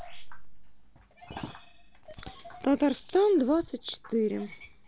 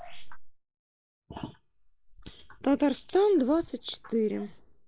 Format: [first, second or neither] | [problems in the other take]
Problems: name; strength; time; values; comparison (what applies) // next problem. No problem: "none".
first | noise reduction (neural mask model Resemble Enhance denoiser)